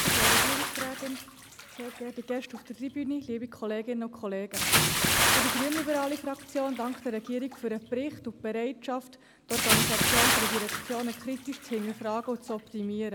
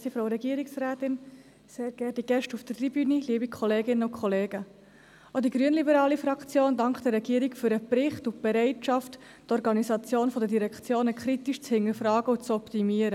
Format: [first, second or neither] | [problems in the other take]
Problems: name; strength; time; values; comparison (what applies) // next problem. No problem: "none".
second | background sound (Bathtub (filling or washing) / Splash, splatter); 3 dB above the speech